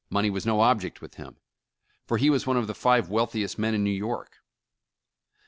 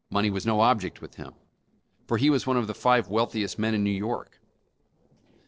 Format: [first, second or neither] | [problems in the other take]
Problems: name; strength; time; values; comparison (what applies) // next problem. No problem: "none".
first | noise reduction (neural separator model SepFormer DNS4)